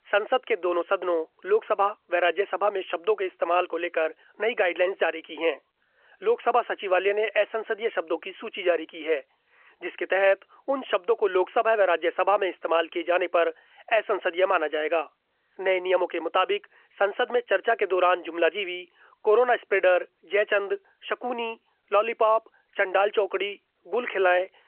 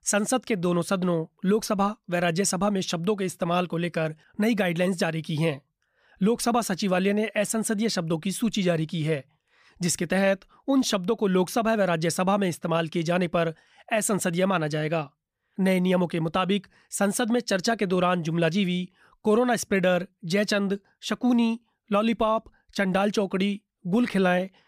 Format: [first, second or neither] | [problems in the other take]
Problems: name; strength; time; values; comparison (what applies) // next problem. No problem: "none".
second | phone-call audio; nothing above 3 kHz